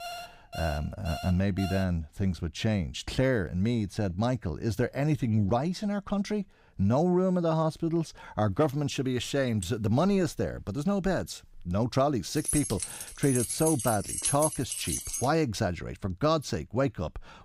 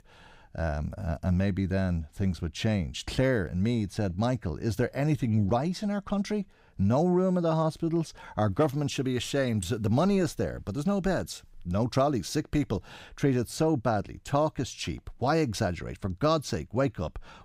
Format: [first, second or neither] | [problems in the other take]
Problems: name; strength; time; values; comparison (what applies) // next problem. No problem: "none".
second | alarm; faint; until 2 s; peak 10 dB below the speech // jangling keys; loud; from 12 to 15 s; peak 1 dB above the speech